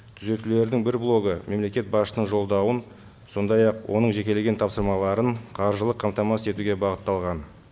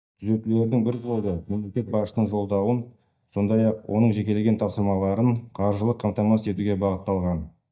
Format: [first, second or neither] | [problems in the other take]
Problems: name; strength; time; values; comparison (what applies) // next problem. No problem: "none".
first | noise reduction (neural mask model DeepFilterNet 3)